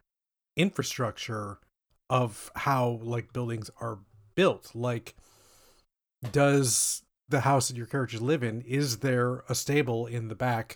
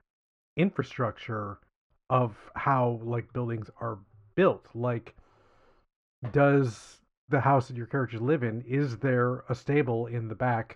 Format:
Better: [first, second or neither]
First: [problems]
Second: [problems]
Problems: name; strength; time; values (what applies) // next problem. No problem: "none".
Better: first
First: none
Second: muffled; very; fading above 1.5 kHz